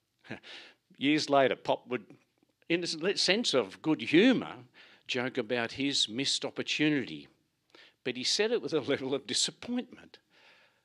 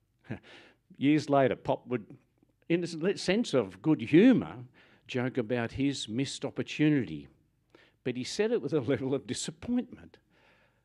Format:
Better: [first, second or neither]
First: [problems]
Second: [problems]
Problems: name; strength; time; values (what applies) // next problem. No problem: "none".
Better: second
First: thin; very slightly; fading below 450 Hz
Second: none